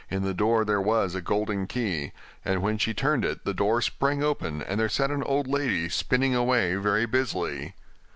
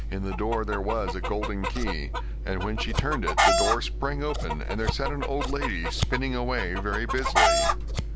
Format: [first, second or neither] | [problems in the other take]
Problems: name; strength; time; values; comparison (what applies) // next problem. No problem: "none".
first | background sound (Scissors + Chicken, rooster); 4 dB above the speech